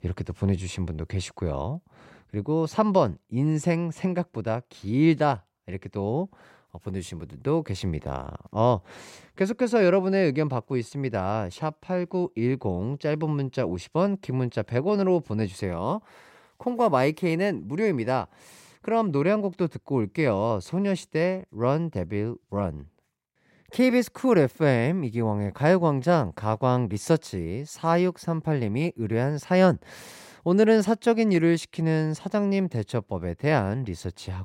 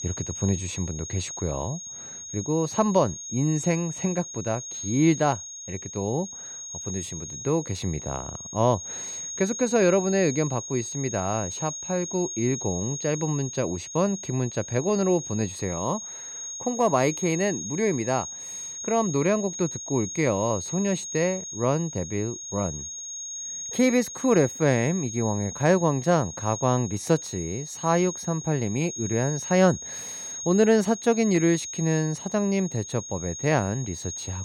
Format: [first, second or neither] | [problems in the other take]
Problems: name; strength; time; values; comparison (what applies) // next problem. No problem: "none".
first | high-pitched whine; loud; throughout; 6.5 kHz, 8 dB below the speech